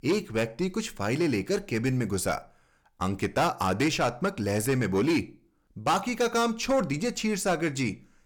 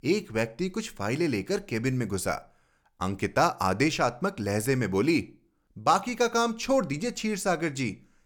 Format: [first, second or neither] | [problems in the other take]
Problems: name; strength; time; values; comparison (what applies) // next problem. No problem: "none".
second | distortion; slight; 10 dB below the speech